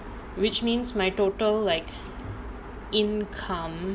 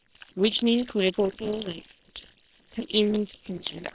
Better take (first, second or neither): first